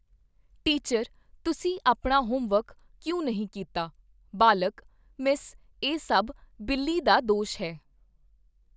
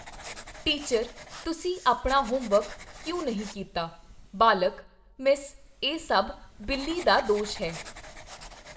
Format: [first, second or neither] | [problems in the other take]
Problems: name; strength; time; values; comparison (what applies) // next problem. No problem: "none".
first | background sound (Writing); 17 dB below the speech // room echo; dies away in 0.4 s